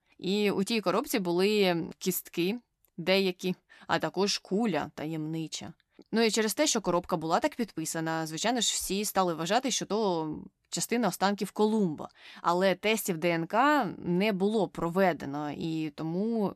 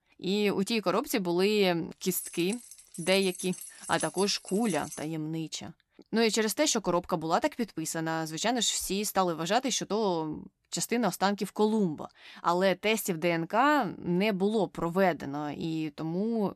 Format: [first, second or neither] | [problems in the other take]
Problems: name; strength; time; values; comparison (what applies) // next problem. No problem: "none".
first | jangling keys; noticeable; from 2 to 5 s; peak 8 dB below the speech